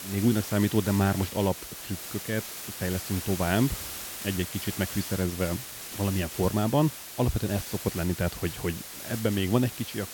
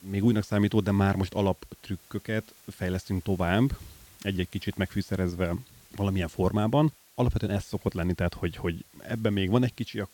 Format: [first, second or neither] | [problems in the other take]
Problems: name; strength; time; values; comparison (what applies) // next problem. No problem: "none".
second | hiss; loud; throughout; 8 dB below the speech; faint in the second